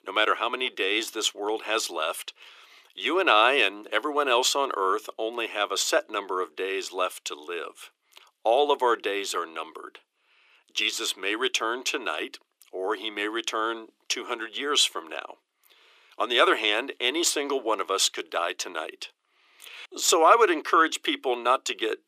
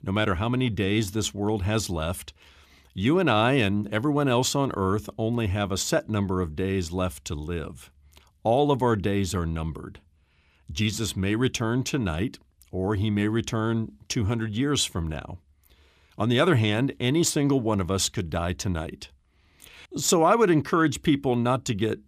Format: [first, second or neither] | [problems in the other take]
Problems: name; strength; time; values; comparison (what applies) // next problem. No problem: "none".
second | thin; very; fading below 350 Hz